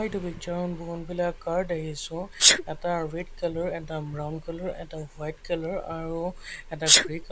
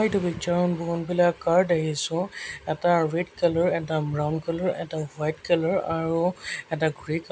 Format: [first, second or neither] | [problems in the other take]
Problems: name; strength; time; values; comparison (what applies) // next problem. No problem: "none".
second | background sound (Sneeze); 2 dB above the speech